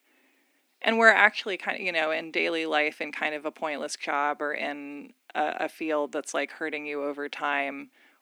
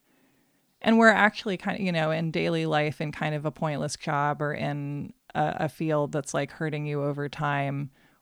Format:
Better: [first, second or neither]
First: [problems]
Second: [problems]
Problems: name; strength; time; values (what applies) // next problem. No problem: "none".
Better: second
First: thin; somewhat; fading below 250 Hz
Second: none